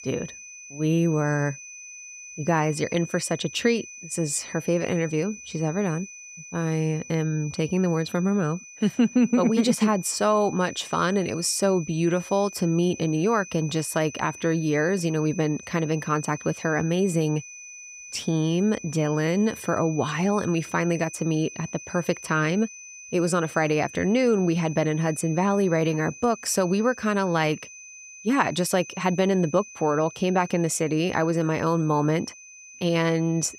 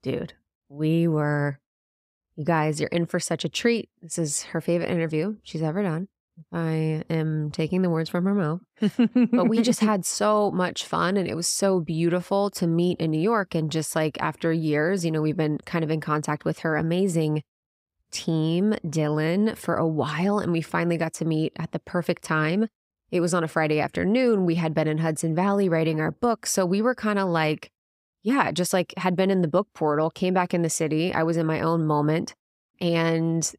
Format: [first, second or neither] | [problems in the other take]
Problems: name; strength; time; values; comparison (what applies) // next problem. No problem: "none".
second | high-pitched whine; noticeable; throughout; 6 kHz, 15 dB below the speech